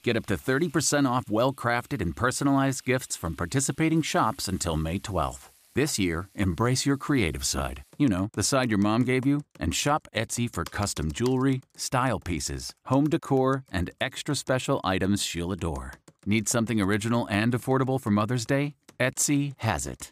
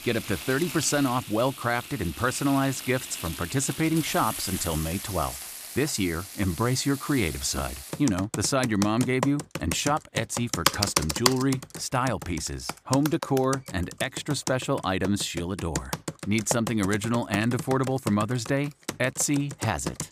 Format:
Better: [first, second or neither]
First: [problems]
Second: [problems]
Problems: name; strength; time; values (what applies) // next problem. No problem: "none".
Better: first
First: household noises; faint; throughout; 25 dB below the speech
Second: household noises; loud; throughout; 7 dB below the speech